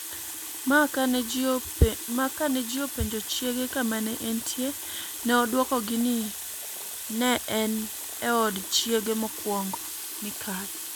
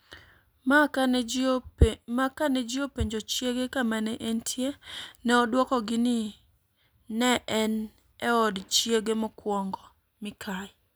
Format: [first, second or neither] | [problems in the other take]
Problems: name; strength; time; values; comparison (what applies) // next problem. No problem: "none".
second | background sound (Water tap, faucet); 8 dB below the speech